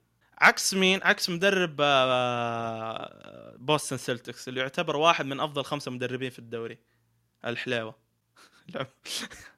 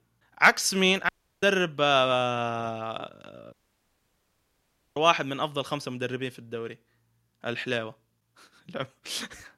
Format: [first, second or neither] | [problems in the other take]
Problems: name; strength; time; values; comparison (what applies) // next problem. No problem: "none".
first | audio cutting out; at 1 s and at 3.5 s for 1.5 s